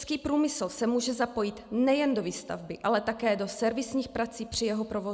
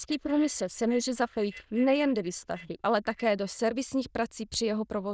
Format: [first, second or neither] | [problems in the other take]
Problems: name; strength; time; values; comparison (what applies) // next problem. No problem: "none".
first | noise reduction (neural diffusion model UNIVERSE++)